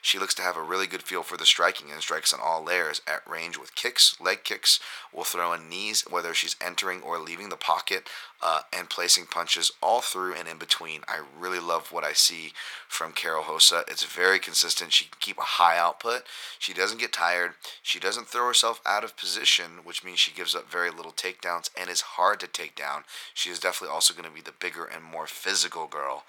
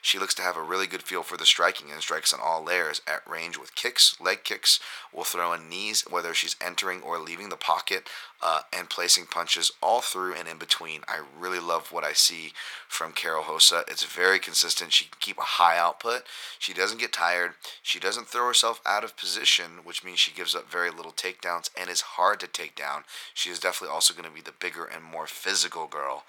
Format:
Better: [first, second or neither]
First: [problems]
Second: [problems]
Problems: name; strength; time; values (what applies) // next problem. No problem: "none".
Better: neither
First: thin; very; fading below 850 Hz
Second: thin; very; fading below 850 Hz